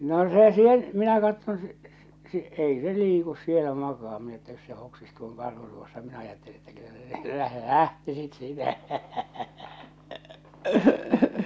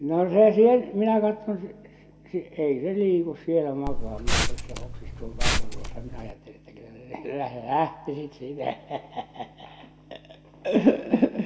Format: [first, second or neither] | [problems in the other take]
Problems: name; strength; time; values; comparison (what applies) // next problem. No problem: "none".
first | background sound (Liquid); as loud as the speech // room echo; dies away in 1.1 s